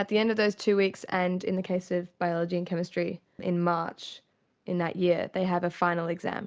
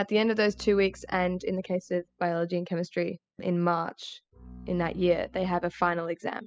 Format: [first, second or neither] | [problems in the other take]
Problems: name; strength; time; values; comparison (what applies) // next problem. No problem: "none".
first | noise reduction (classical method spectral subtraction)